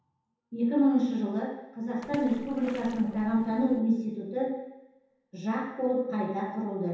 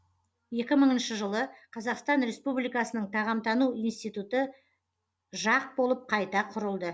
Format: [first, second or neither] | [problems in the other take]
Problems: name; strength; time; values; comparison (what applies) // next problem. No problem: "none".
second | background sound (Splash, splatter); 15 dB below the speech // room echo; dies away in 0.9 s